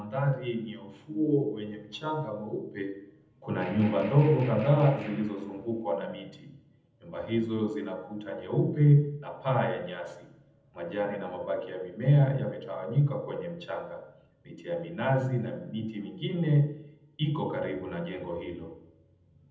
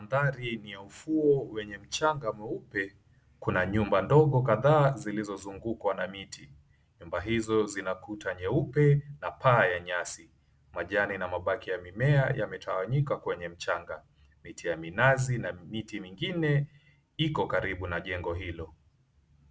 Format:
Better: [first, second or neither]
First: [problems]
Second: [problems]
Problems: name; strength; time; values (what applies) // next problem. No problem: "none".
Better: second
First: background sound (Gunshot, gunfire); 17 dB below the speech // room echo; dies away in 0.8 s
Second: none